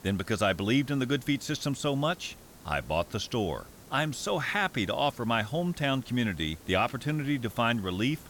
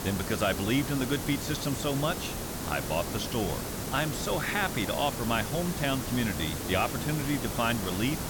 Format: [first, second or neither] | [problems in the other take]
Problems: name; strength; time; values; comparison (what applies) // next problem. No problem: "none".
first | hiss; loud; throughout; 4 dB below the speech; faint in the first